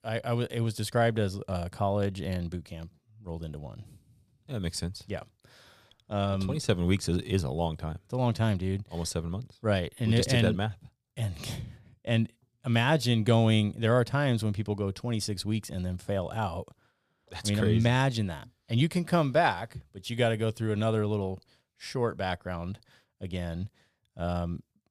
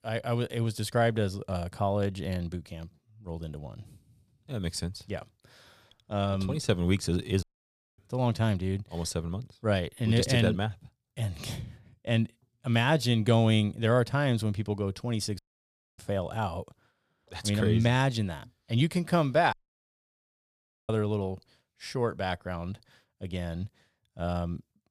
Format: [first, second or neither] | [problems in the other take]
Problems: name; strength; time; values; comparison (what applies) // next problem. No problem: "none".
first | audio cutting out; at 7.5 s for 0.5 s, at 15 s for 0.5 s and at 20 s for 1.5 s